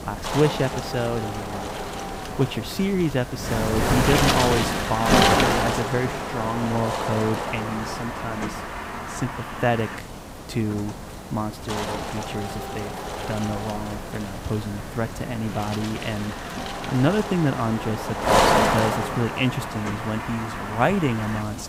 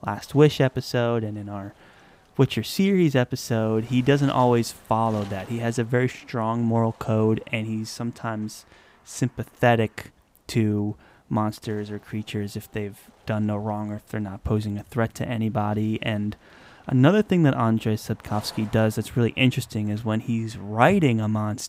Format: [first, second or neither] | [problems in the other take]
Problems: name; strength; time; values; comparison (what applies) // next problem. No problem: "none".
second | wind noise on the microphone; heavy; 4 dB above the speech; occasional gusts in the second